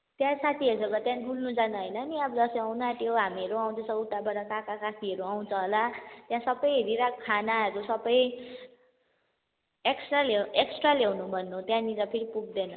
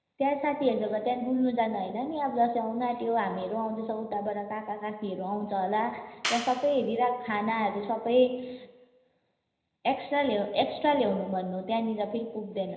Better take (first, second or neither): first